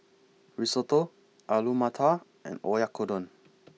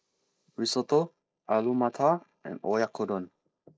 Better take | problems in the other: first | noise reduction (neural mask model Resemble Enhance denoiser)

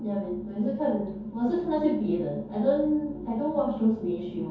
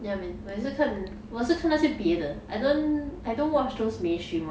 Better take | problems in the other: second | room echo; dies away in 0.6 s

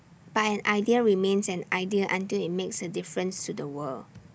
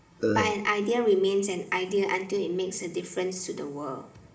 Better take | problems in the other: first | background sound (Burping, eructation); as loud as the speech // room echo; dies away in 1.2 s

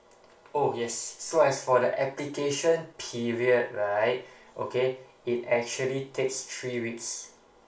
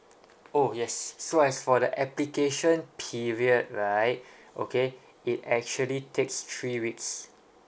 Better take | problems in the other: second | room echo; dies away in 0.3 s

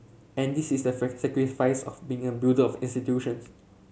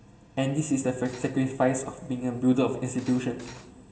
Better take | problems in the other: first | background sound (Cutlery, silverware); 20 dB below the speech // room echo; dies away in 2.1 s

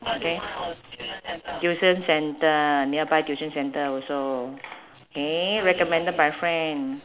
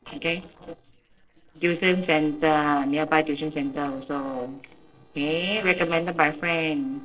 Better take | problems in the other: first | noise reduction (neural separator model SepFormer DNS4)

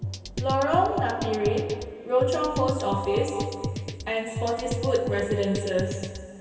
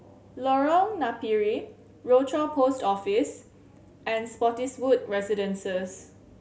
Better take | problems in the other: second | background sound (Drum kit); 6 dB below the speech // room echo; dies away in 2.5 s

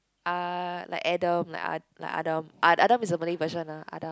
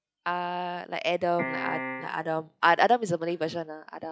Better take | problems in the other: first | noise reduction (classical method log-MMSE)

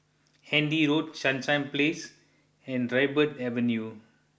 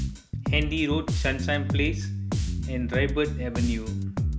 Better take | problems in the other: first | background sound (Bass guitar); 2 dB above the speech

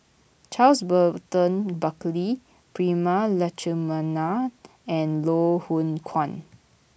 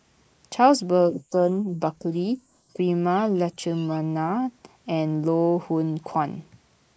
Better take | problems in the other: first | noise reduction (neural mask model Resemble Enhance denoiser)

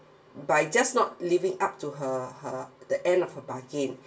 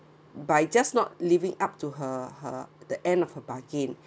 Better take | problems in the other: second | room echo; dies away in 0.2 s

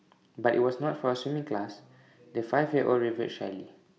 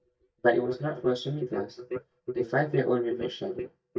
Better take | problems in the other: first | noise reduction (neural mask model DeepFilterNet 3)

